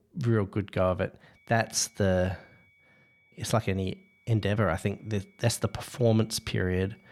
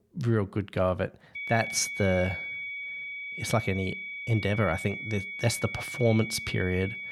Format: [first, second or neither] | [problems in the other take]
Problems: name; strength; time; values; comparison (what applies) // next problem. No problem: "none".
first | high-pitched whine; loud; from 1.5 s on; 2.5 kHz, 6 dB below the speech; faint in the first